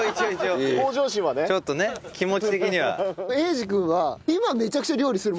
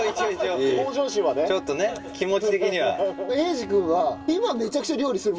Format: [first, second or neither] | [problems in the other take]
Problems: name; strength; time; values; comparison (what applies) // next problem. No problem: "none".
first | background sound (Bowed string instrument); 16 dB below the speech // room echo; dies away in 1.8 s